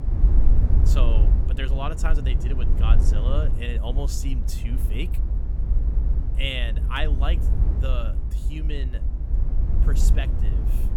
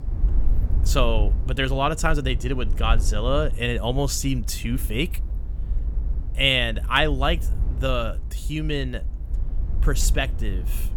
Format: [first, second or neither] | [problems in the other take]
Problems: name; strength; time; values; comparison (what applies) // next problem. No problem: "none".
second | low rumble; loud; throughout; 7 dB below the speech; faint in the second